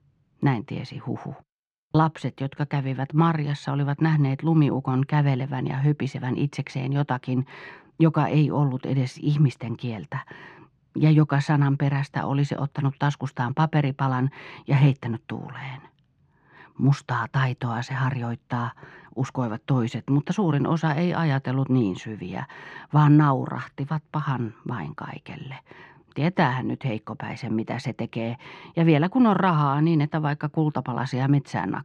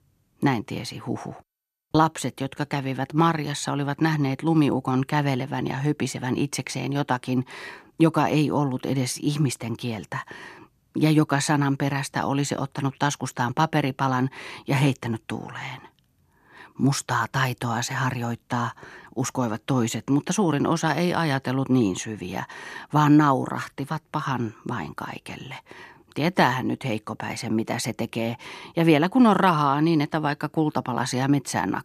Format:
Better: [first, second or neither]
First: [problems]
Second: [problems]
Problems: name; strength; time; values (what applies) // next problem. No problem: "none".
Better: second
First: muffled; slightly; fading above 3.5 kHz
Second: none